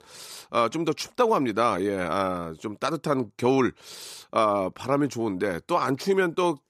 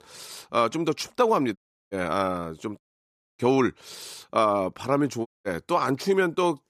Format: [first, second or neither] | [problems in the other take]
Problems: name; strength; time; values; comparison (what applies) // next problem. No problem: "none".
first | audio cutting out; at 1.5 s, at 3 s for 0.5 s and at 5.5 s